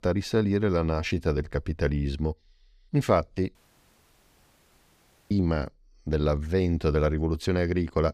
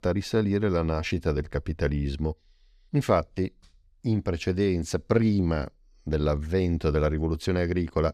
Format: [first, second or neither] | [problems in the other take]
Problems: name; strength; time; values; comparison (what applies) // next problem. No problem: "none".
second | audio cutting out; at 3.5 s for 2 s